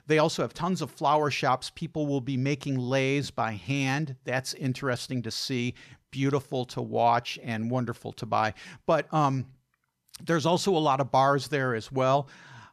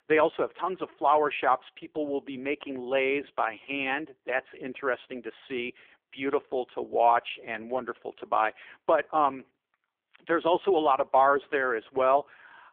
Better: first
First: none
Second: phone-call audio; poor line; nothing above 3.5 kHz

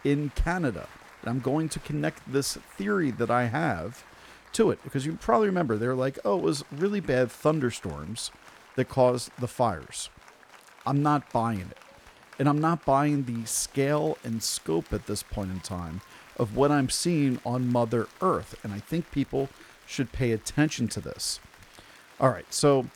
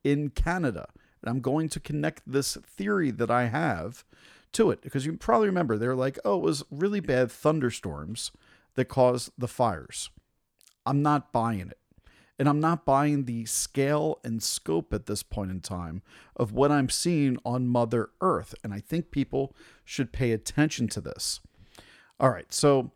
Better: second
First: crowd noise; faint; throughout; 25 dB below the speech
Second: none

